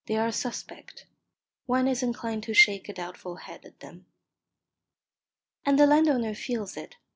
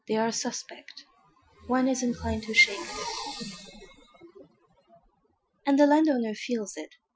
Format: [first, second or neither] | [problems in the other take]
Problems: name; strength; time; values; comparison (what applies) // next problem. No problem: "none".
first | noise reduction (classical method Wiener filter)